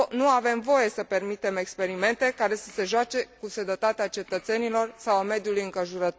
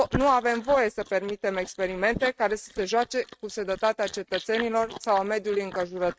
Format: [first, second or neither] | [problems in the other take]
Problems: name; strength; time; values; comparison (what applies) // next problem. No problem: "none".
first | noise reduction (neural mask model RNNoise)